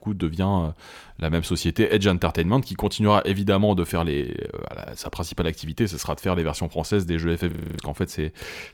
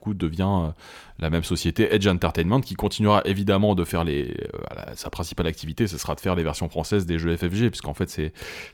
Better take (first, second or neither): second